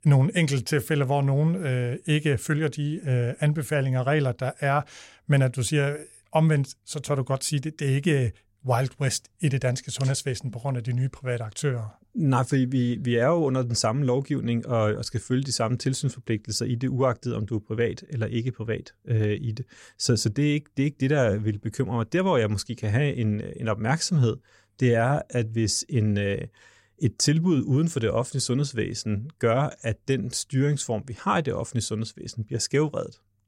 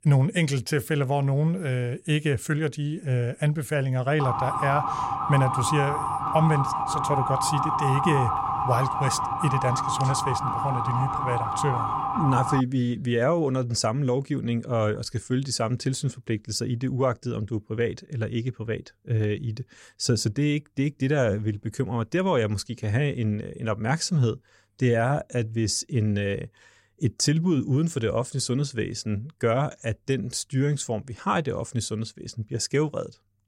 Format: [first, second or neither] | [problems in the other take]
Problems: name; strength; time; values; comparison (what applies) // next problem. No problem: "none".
first | siren; loud; from 4 to 13 s; peak 1 dB above the speech